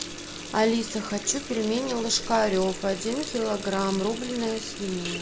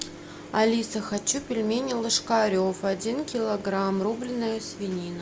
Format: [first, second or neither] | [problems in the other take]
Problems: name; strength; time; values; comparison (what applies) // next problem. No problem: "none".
second | background sound (Water tap, faucet); 11 dB below the speech